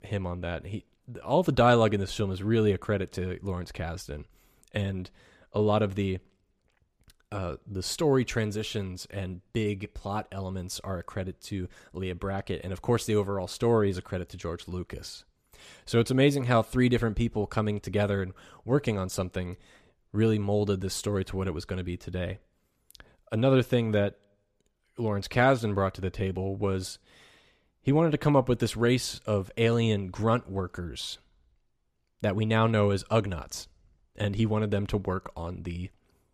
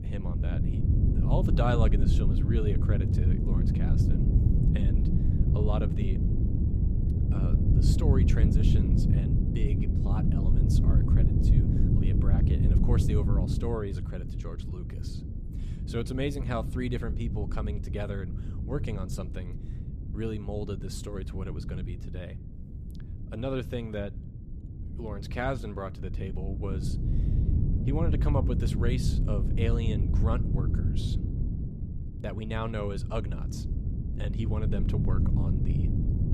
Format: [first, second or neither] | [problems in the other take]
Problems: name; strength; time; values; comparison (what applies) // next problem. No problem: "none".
first | wind noise on the microphone; heavy; 2 dB below the speech